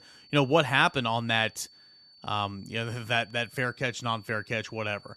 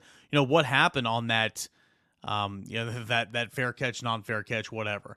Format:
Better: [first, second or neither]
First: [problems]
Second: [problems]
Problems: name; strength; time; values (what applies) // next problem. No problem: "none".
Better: second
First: high-pitched whine; faint; throughout; 4.5 kHz, 25 dB below the speech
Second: none